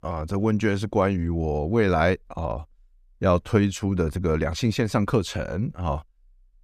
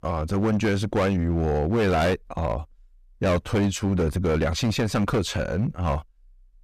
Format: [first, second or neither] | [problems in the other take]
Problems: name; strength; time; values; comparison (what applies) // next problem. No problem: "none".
first | distortion; heavy; 14% of the sound clipped